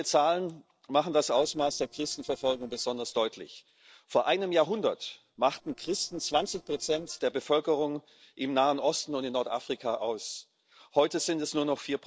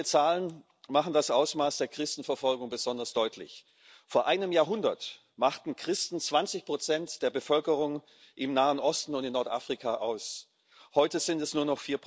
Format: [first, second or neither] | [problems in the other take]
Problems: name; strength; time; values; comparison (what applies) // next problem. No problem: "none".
second | noise reduction (neural separator model SepFormer DNS4)